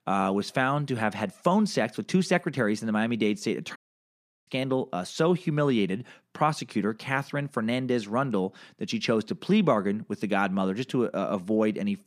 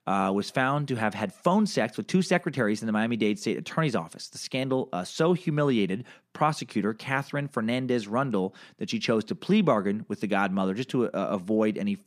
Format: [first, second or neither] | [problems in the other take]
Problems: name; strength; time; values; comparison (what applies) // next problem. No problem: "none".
second | audio cutting out; at 4 s for 0.5 s